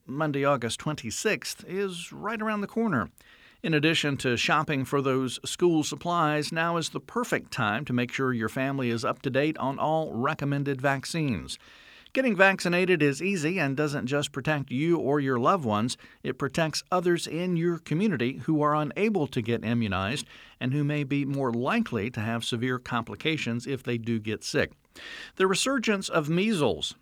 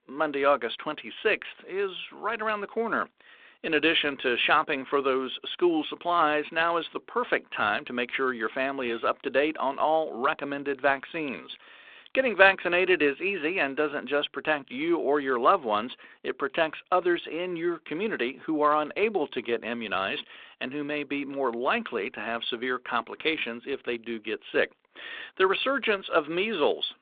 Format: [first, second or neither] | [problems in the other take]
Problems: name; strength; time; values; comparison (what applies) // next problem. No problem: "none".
first | phone-call audio